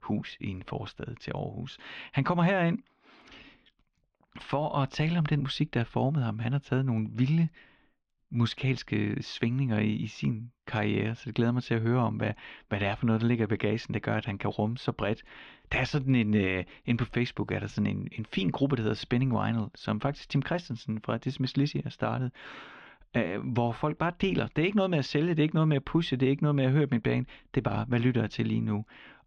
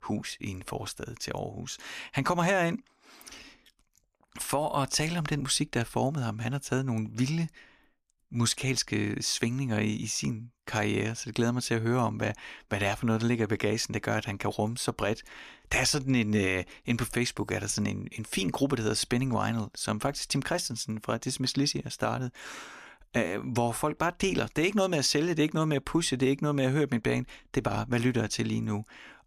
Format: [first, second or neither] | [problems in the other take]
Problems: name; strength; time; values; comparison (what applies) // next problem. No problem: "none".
second | muffled; slightly; fading above 3.5 kHz